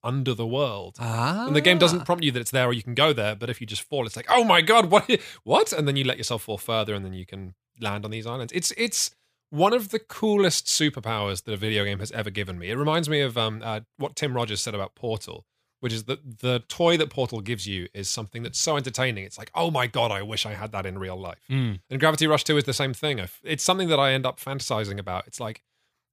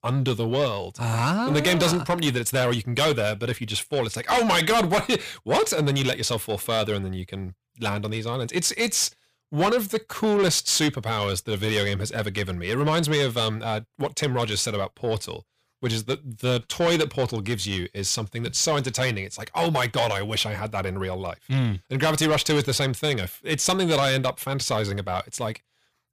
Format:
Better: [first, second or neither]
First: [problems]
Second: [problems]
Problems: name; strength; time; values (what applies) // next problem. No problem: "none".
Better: first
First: none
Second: distortion; heavy; 7 dB below the speech